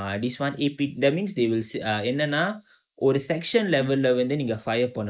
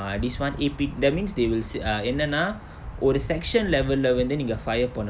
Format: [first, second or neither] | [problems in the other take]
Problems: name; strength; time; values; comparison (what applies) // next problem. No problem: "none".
second | noise reduction (neural mask model Resemble Enhance denoiser)